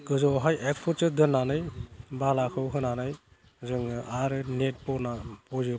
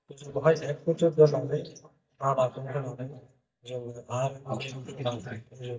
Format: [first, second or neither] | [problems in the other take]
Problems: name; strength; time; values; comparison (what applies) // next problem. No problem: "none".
first | noise reduction (neural mask model DeepFilterNet 3)